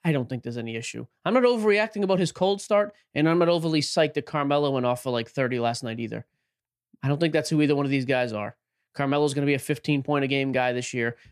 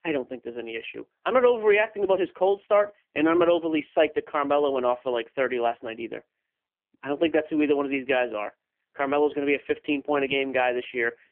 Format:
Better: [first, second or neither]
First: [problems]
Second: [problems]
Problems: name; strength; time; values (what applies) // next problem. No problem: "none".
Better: first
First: none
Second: phone-call audio; poor line; nothing above 3 kHz